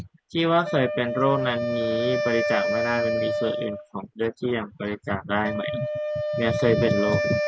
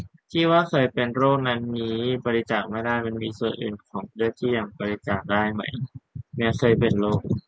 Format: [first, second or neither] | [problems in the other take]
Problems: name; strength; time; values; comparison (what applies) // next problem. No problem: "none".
second | background sound (Wind instrument, woodwind instrument); 2 dB below the speech